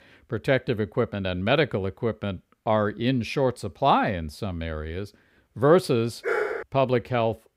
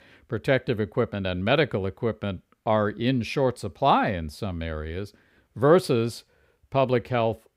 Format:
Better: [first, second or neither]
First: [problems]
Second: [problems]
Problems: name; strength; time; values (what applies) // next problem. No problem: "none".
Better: second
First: dog barking; noticeable; at 6 s; peak 1 dB below the speech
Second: none